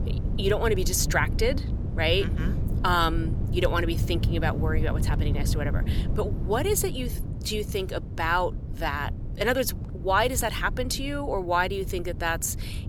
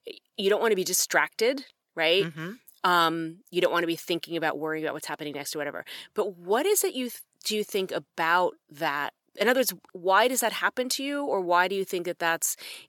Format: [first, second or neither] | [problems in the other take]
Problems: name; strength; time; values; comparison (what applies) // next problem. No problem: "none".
second | wind noise on the microphone; occasional gusts; 15 dB below the speech